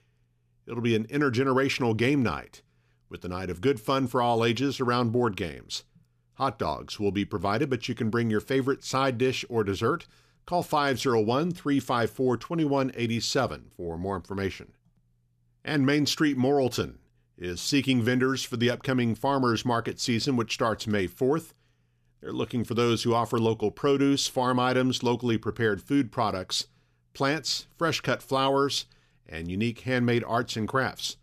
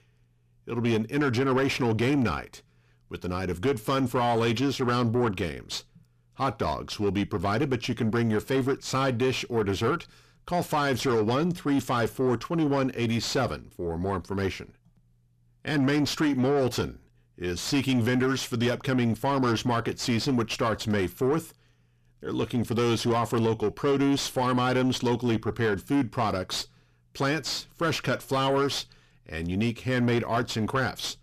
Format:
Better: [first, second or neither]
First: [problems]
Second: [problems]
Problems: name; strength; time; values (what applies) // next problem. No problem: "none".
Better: first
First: none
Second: distortion; slight; 10 dB below the speech